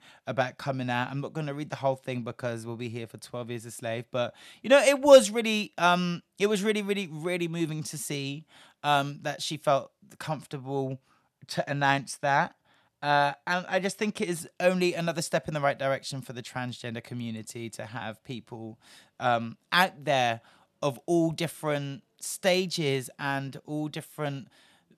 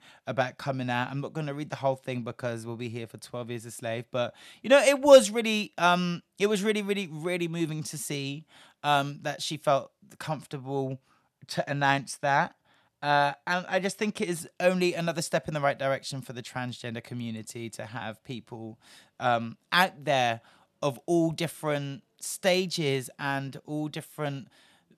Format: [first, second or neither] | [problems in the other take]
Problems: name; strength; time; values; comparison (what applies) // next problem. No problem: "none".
neither | none